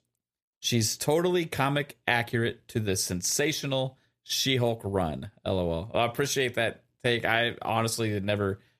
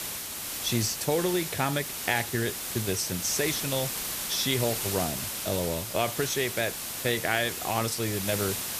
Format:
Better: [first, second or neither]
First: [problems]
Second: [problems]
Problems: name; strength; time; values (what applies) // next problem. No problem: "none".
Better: first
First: none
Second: hiss; loud; throughout; 2 dB below the speech